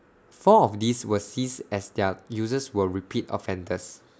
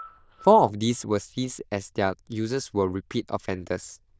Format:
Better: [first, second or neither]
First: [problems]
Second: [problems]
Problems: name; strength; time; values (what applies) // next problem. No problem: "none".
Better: first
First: none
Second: noise reduction (neural diffusion model UNIVERSE++)